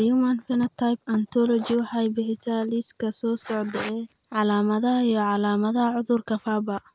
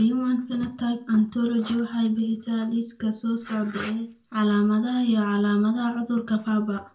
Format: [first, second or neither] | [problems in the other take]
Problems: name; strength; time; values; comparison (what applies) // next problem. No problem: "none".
first | room echo; dies away in 0.2 s